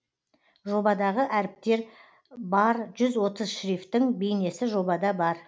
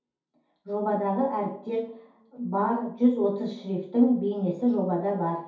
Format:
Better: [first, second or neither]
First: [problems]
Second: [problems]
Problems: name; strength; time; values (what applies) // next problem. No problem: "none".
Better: first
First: none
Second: room echo; dies away in 0.6 s